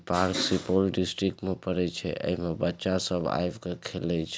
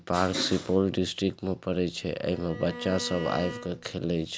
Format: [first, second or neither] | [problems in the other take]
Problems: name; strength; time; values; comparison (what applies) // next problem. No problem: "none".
first | background sound (Bowed string instrument); 13 dB below the speech